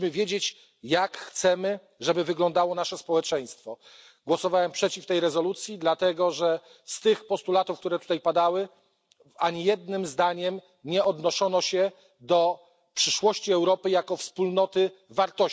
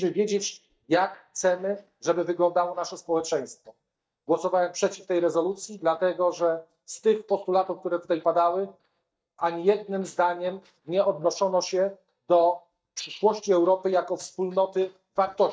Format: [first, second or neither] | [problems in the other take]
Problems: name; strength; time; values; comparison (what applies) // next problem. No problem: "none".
first | noise reduction (neural mask model DeepFilterNet 3)